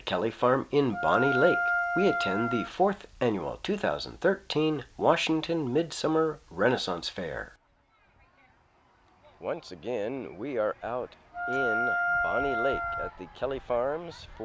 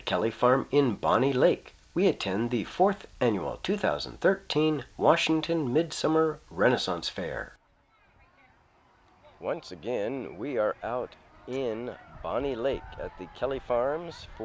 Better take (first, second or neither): second